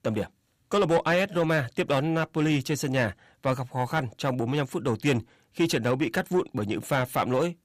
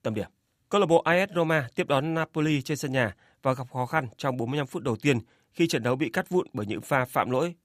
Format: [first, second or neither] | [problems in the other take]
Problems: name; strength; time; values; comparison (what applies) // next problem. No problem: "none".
second | distortion; slight; 10 dB below the speech